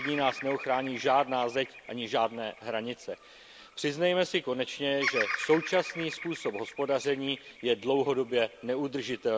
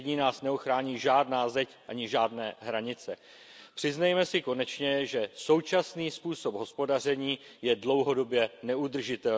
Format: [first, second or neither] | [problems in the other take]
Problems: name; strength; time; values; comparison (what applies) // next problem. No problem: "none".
second | background sound (Bird vocalization, bird call, bird song); 11 dB below the speech